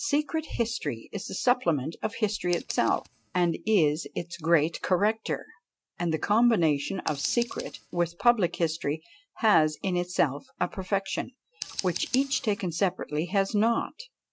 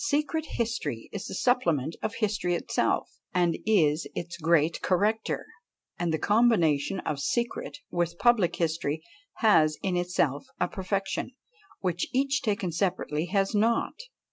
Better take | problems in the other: second | noise reduction (neural mask model RNNoise)

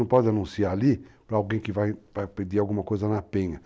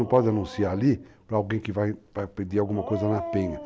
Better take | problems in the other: first | background sound (Dog); 12 dB below the speech

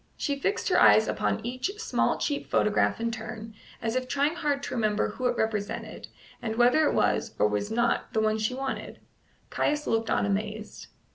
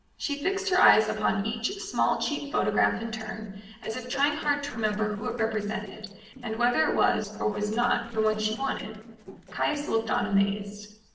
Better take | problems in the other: first | noise reduction (neural separator model SepFormer DNS4)

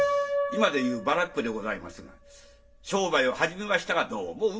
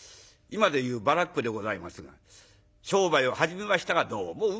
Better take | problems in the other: second | background sound (Piano); 5 dB below the speech // room echo; dies away in 0.2 s

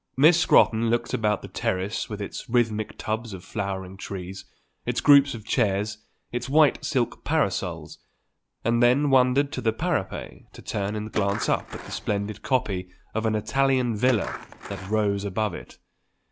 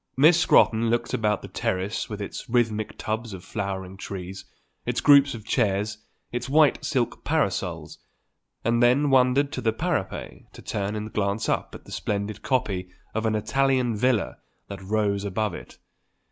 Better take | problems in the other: second | background sound (Skateboard); 12 dB below the speech

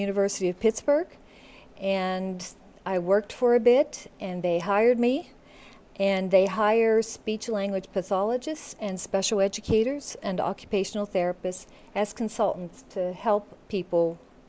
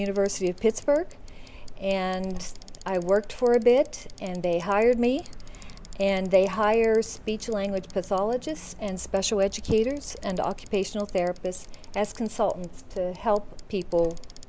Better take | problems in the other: first | background sound (Bicycle); 13 dB below the speech

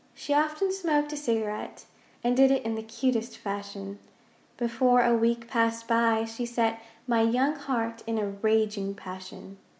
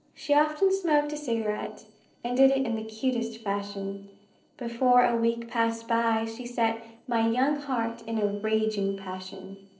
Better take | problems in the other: first | noise reduction (neural separator model SepFormer DNS4)

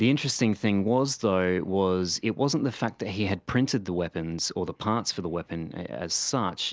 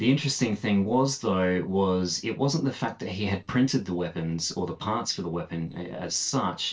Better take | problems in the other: first | noise reduction (neural separator model SepFormer DNS4)

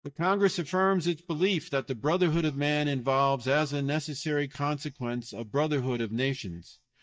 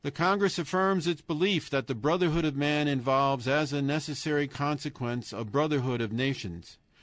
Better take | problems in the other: second | noise reduction (neural mask model DeepFilterNet 3)

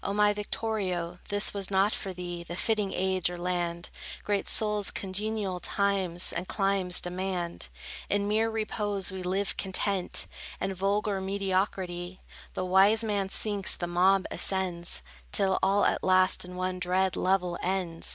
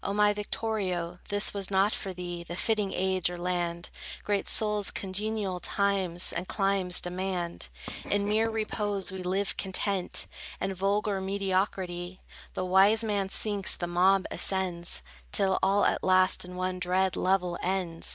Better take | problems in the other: first | noise reduction (neural mask model DeepFilterNet 3)

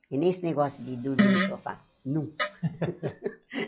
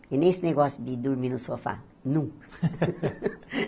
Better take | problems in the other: second | noise reduction (classical method log-MMSE)

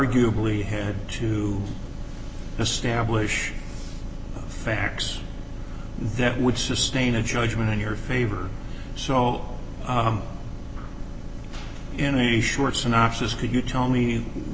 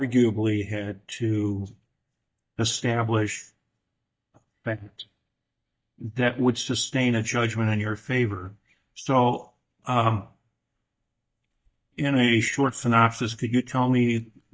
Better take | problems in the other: first | noise reduction (neural mask model DeepFilterNet 3)

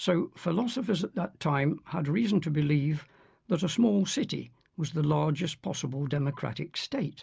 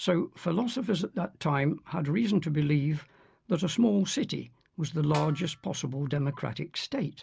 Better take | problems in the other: first | background sound (Snare drum); 16 dB below the speech

